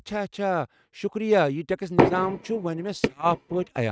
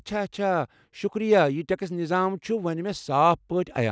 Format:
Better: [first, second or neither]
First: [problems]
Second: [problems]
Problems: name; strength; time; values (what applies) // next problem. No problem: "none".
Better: second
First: noise reduction (neural mask model RNNoise)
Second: none